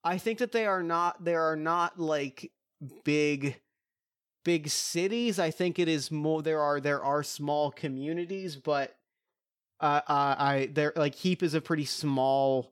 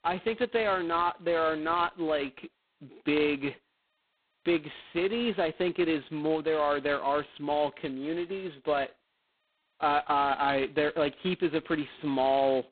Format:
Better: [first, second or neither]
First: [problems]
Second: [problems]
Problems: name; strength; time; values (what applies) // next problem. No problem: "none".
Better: first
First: none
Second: phone-call audio; poor line; nothing above 4 kHz